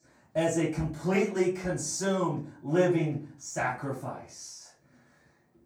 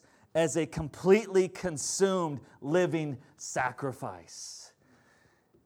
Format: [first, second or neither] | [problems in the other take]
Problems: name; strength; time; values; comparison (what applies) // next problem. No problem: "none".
second | off-mic speech; far // room echo; slight; dies away in 0.3 s